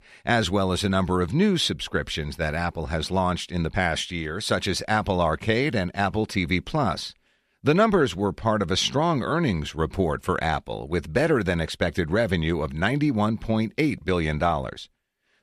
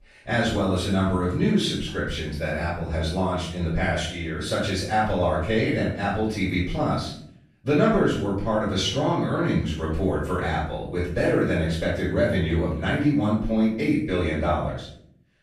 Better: first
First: none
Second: off-mic speech; far // room echo; noticeable; dies away in 0.5 s

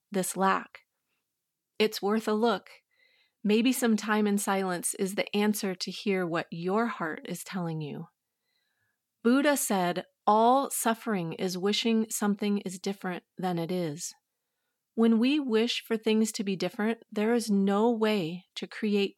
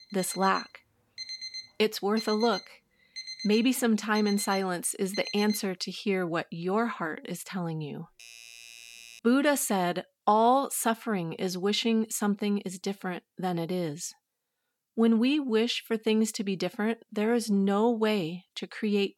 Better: first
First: none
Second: alarm; noticeable; until 5.5 s; peak 8 dB below the speech // doorbell; faint; from 8 to 9 s; peak 15 dB below the speech

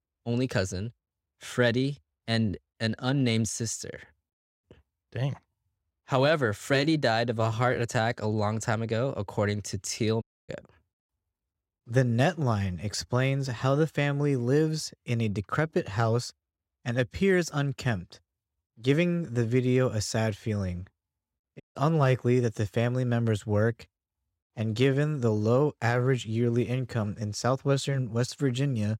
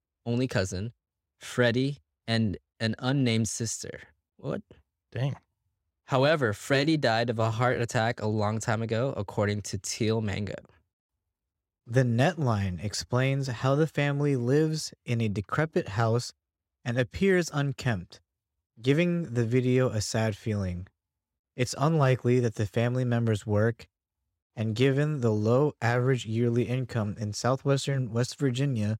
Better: second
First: audio cutting out; at 4.5 s, at 10 s and at 22 s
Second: none

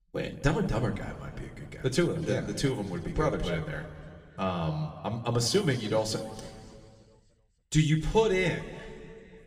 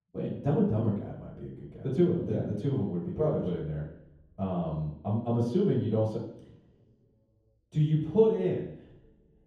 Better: first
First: room echo; slight; dies away in 2.1 s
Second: room echo; strong; dies away in 0.9 s // off-mic speech; far

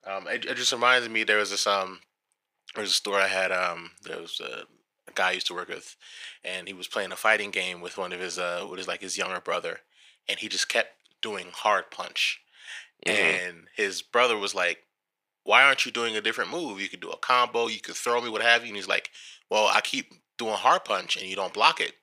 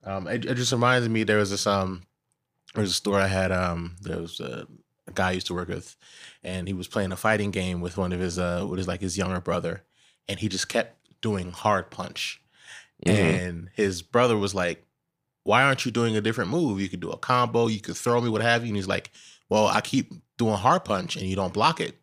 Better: second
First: thin; very; fading below 500 Hz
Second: none

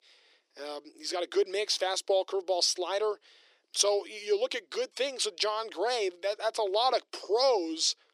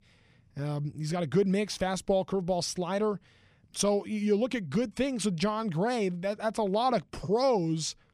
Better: second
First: thin; very; fading below 350 Hz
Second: none

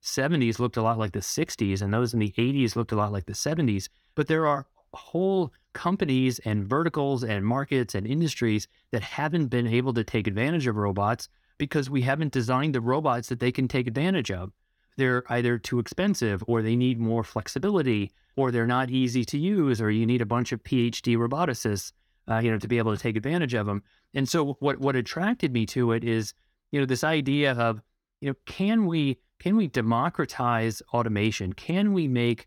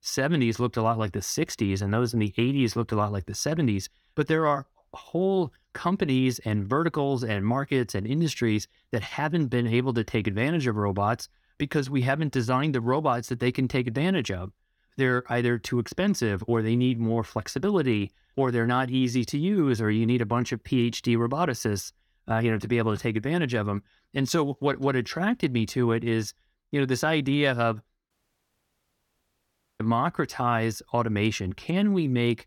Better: first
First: none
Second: audio cutting out; at 28 s for 1.5 s

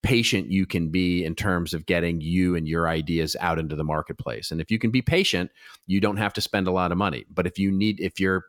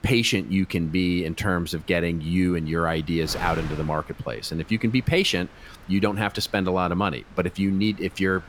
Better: first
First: none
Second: wind noise on the microphone; occasional gusts; 20 dB below the speech

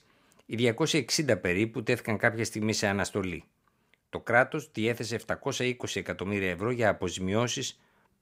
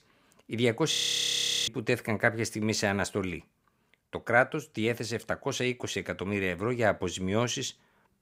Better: first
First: none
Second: audio freezing; at 1 s for 0.5 s

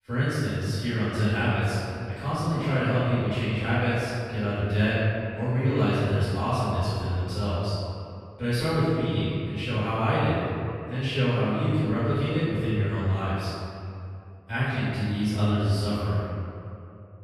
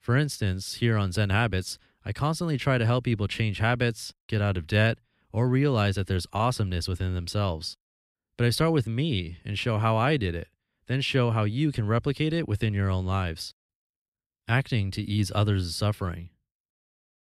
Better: second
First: off-mic speech; far // room echo; strong; dies away in 2.3 s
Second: none

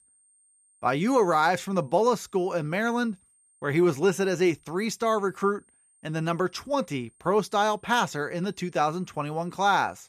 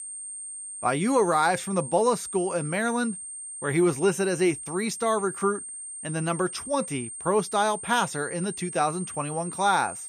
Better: first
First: high-pitched whine; faint; throughout; 8.5 kHz, 35 dB below the speech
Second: high-pitched whine; loud; throughout; 8.5 kHz, 9 dB below the speech

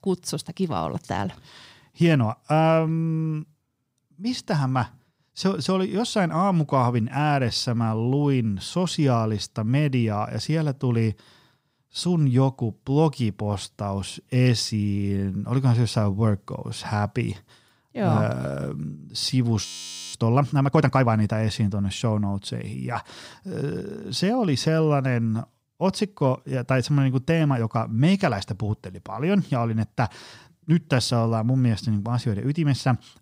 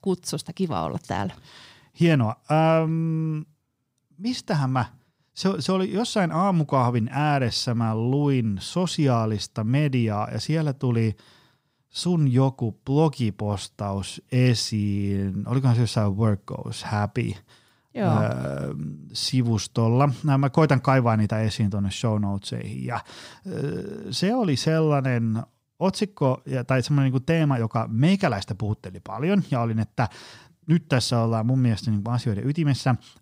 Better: second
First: audio freezing; at 20 s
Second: none

